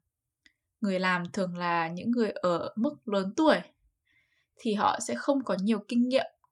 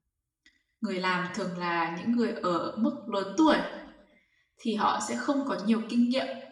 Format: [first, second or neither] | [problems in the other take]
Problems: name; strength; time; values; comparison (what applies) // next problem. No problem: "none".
first | room echo; slight; dies away in 0.7 s // off-mic speech; somewhat distant